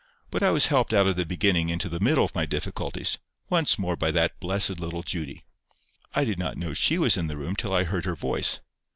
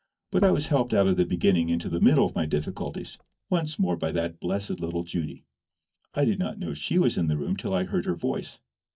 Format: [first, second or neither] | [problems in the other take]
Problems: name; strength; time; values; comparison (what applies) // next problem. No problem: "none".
first | noise reduction (neural mask model DeepFilterNet 3)